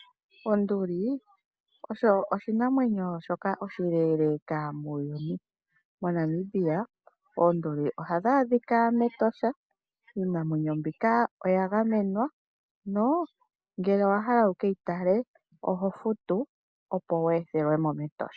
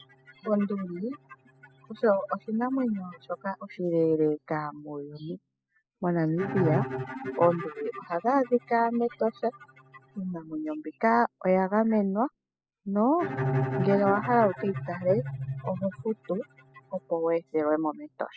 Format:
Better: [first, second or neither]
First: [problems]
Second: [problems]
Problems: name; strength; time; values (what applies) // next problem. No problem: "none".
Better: first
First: none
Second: noise reduction (classical method spectral subtraction)